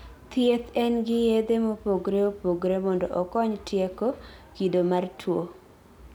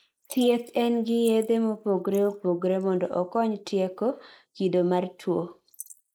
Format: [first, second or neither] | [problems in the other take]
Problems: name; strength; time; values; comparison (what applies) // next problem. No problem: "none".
first | noise reduction (neural mask model Resemble Enhance denoiser)